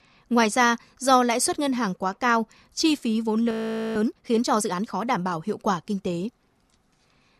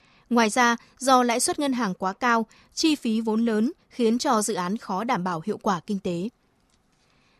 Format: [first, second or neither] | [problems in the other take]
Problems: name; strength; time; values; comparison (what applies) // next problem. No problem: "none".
second | audio freezing; at 3.5 s